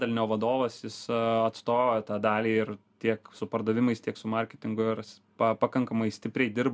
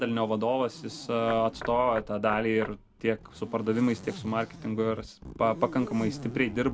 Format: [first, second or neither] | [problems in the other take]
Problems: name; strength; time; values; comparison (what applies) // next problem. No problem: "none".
first | background sound (Zipper (clothing) + Knock / Wood); 14 dB below the speech